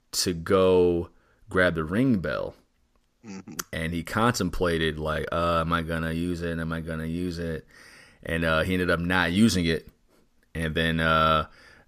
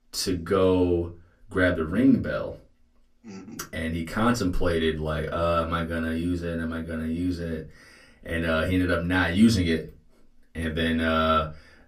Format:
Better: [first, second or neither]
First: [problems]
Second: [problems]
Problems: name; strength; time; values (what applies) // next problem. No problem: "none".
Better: first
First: none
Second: off-mic speech; far // room echo; very slight; dies away in 0.2 s